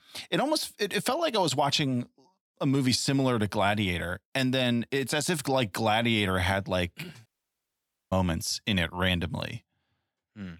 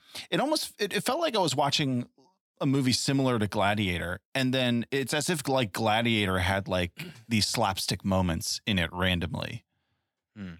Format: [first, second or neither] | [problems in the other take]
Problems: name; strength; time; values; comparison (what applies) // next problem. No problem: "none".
second | audio cutting out; at 7.5 s for 1 s